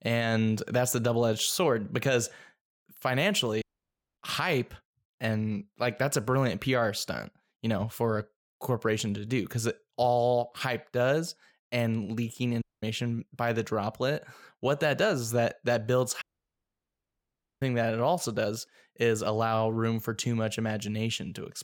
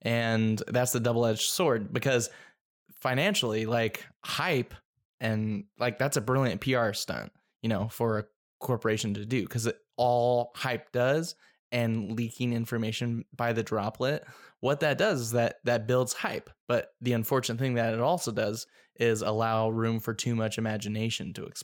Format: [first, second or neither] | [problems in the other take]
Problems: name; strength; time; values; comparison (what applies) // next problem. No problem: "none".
second | audio cutting out; at 3.5 s for 0.5 s, at 13 s and at 16 s for 1.5 s